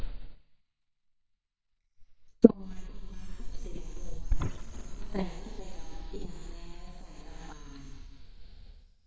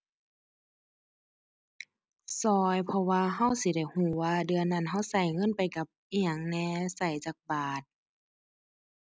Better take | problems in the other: second | noise reduction (neural mask model DeepFilterNet 3)

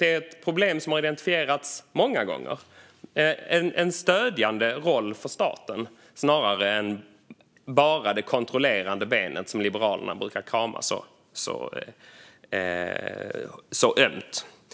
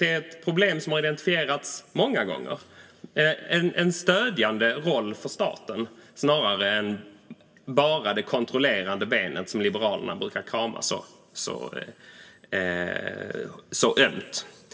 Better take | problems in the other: first | room echo; dies away in 1.5 s

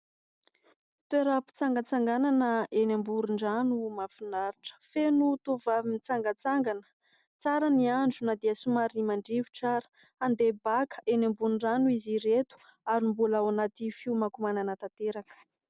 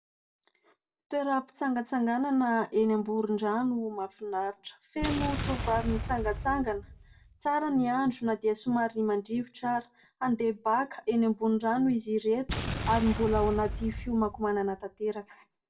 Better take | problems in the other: first | background sound (Explosion); 6 dB below the speech // room echo; dies away in 0.2 s

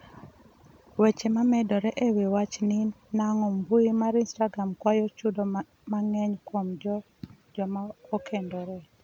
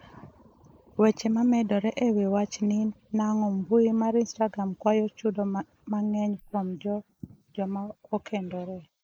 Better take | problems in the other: first | noise reduction (neural mask model Resemble Enhance denoiser)

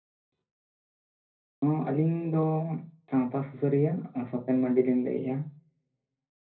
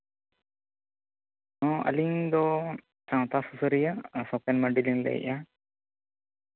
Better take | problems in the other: second | room echo; dies away in 0.5 s

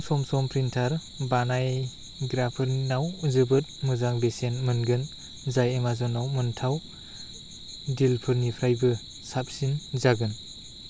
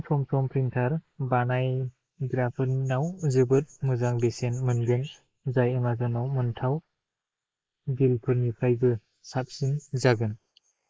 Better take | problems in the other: first | noise reduction (neural mask model Resemble Enhance denoiser)

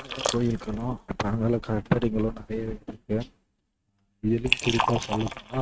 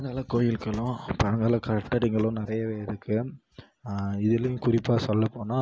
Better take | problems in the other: second | noise reduction (neural mask model RNNoise)

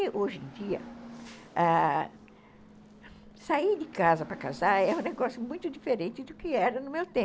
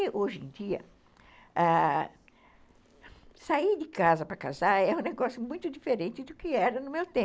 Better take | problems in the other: second | background sound (Hiss / Bus / Engine); 19 dB below the speech

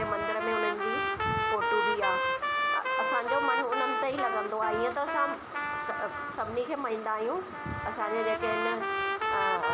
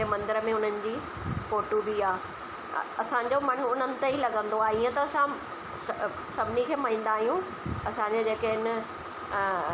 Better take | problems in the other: second | background sound (Trumpet); 1 dB above the speech

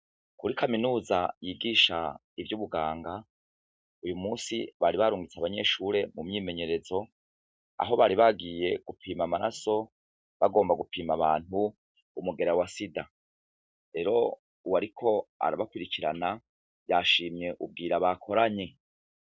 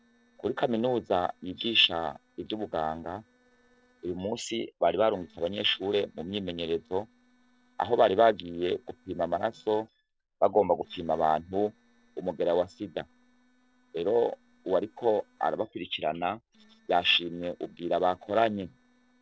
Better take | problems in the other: first | noise reduction (neural separator model SepFormer DNS4)

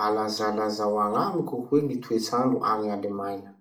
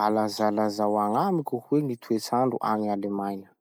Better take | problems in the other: second | room echo; dies away in 0.4 s

